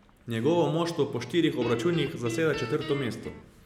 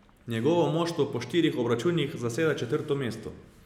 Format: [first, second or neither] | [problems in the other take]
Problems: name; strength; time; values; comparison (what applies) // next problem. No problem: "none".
second | background sound (Guitar); 12 dB below the speech